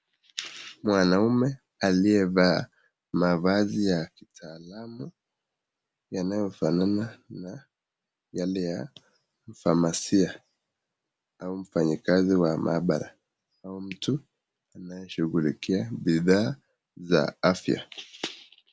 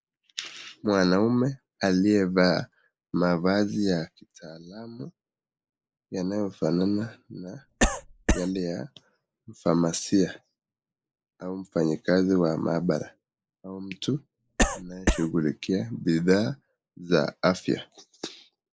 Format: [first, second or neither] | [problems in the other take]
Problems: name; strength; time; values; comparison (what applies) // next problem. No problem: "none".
first | noise reduction (neural mask model Resemble Enhance denoiser)